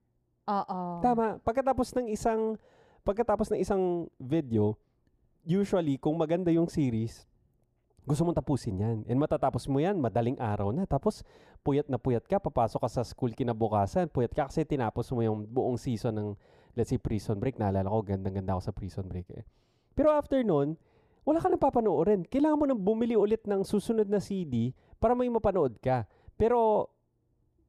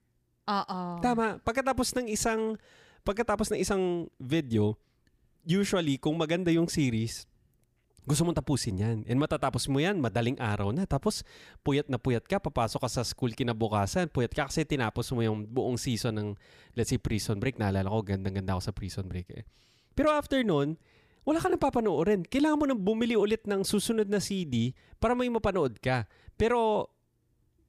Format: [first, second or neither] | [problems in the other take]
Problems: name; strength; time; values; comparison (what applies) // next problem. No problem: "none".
second | muffled; slightly; fading above 1 kHz